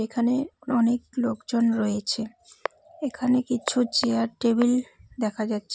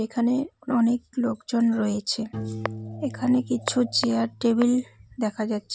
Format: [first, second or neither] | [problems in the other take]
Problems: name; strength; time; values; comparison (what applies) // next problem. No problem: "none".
first | background sound (Piano); 16 dB below the speech